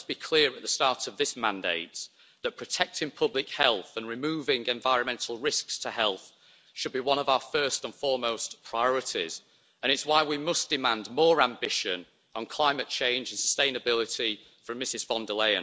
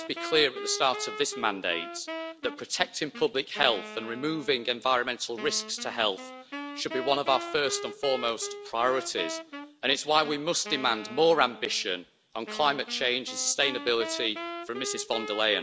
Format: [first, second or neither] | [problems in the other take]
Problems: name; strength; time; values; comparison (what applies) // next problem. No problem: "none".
first | background sound (Wind instrument, woodwind instrument); 11 dB below the speech